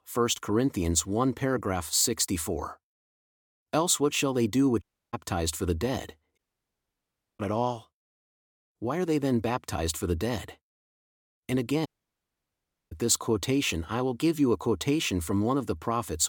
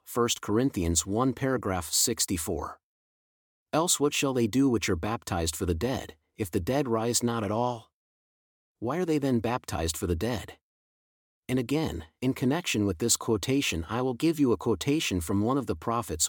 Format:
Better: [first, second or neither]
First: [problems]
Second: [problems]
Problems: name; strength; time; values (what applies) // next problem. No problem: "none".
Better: second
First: audio cutting out; at 5 s, at 6.5 s for 1 s and at 12 s for 1 s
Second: none